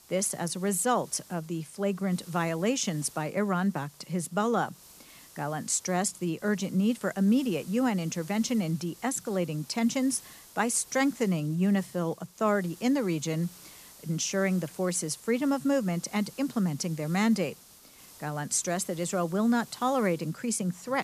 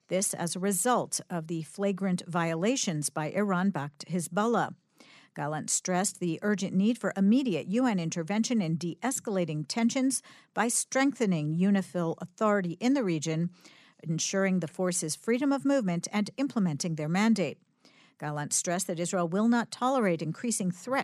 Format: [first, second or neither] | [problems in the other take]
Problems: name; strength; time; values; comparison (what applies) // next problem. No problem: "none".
second | hiss; faint; throughout; 20 dB below the speech